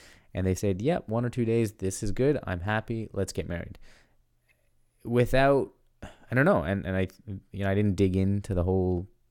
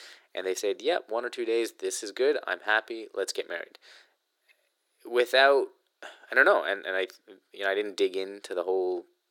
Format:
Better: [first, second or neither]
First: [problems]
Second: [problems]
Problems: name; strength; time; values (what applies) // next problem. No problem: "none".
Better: first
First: none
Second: thin; very; fading below 350 Hz